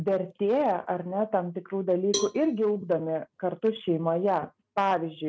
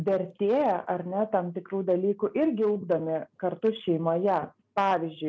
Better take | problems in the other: second | noise reduction (neural mask model RNNoise)

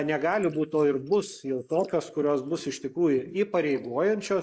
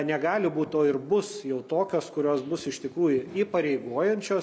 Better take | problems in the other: second | noise reduction (neural mask model Resemble Enhance denoiser)

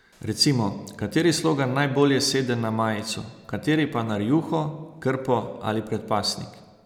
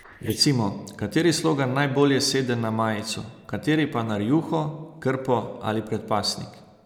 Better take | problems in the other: first | noise reduction (neural mask model Resemble Enhance denoiser)

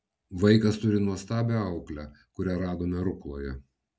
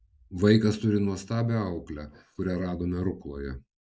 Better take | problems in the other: first | noise reduction (neural mask model Resemble Enhance denoiser)

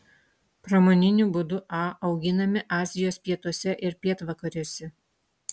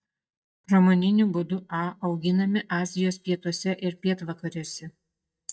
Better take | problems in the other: first | noise reduction (neural mask model DeepFilterNet 3)

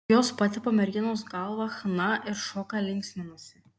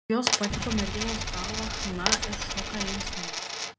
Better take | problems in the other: first | background sound (Explosion + Coin (dropping)); 3 dB above the speech

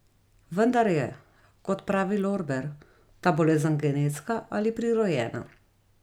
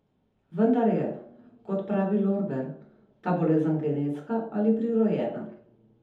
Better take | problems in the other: first | room echo; dies away in 0.6 s

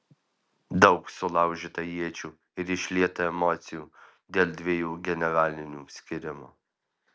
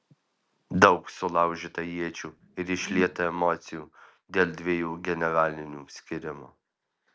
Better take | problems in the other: first | background sound (Whoosh, swoosh, swish); 13 dB below the speech

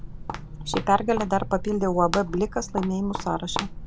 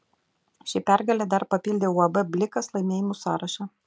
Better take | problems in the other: second | background sound (Walk, footsteps); 7 dB below the speech

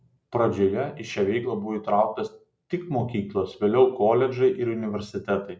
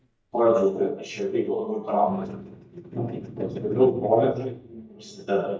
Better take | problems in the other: first | noise reduction (neural mask model DeepFilterNet 3)

